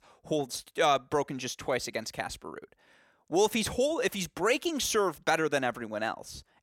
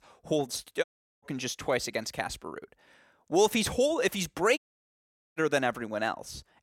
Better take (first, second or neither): first